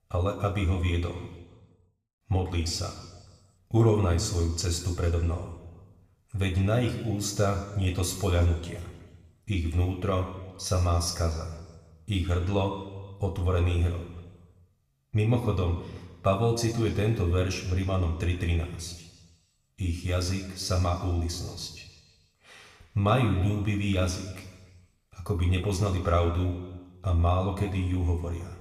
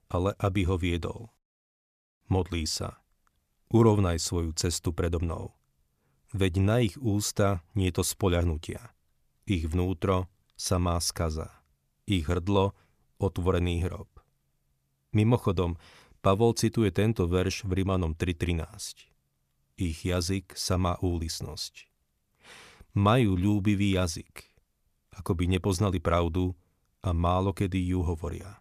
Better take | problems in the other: second | room echo; slight; dies away in 1.2 s // off-mic speech; somewhat distant

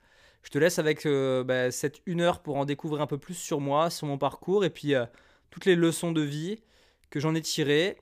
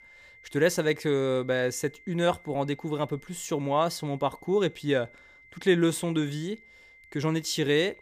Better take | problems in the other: first | high-pitched whine; faint; throughout; 2 kHz, 25 dB below the speech

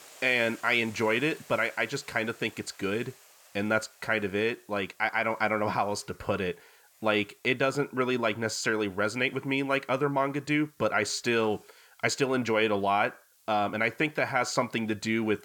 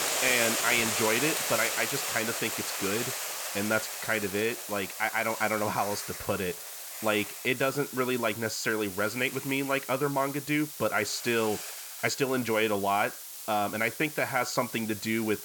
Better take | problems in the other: first | hiss; loud; throughout; 4 dB below the speech; faint in the first

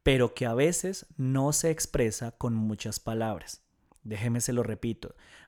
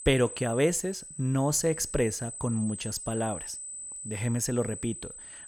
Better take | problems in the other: first | high-pitched whine; loud; throughout; 8 kHz, 9 dB below the speech

